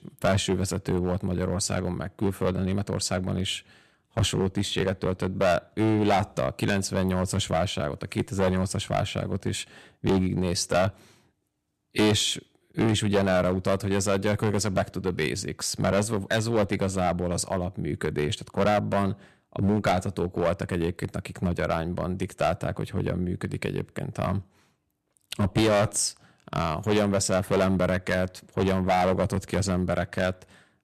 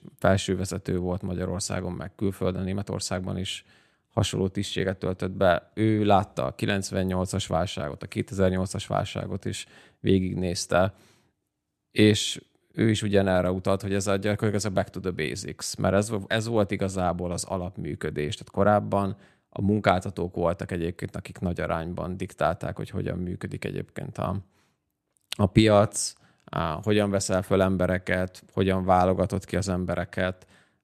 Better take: second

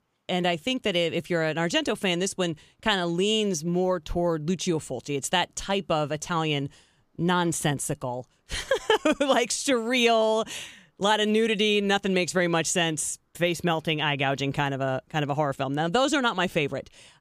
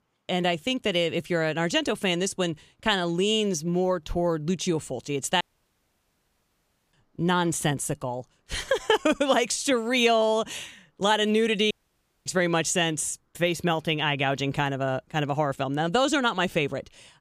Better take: first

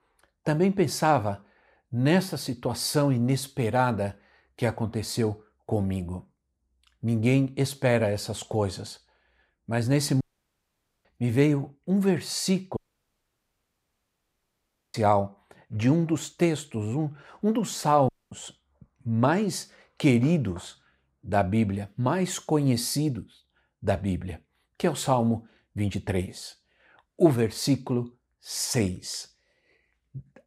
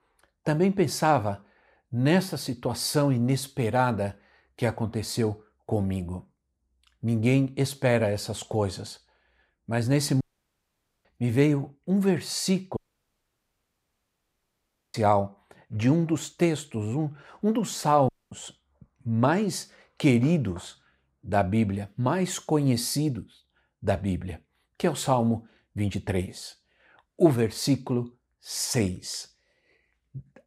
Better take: neither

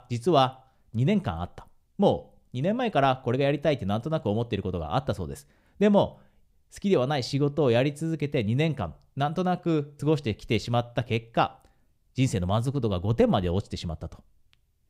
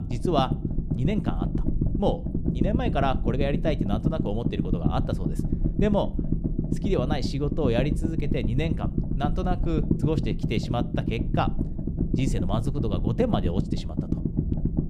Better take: first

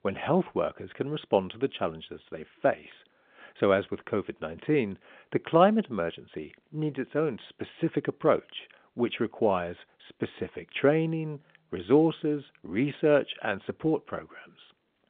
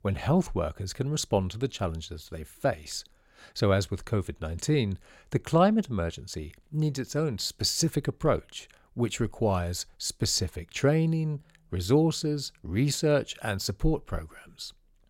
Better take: second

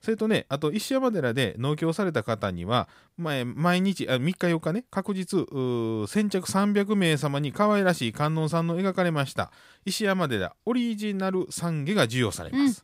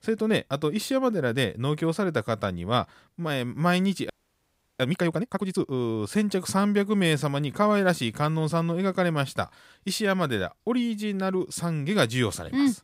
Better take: first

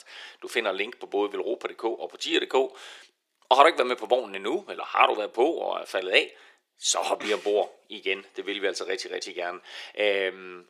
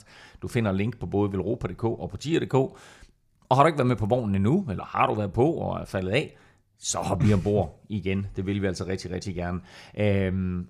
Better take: second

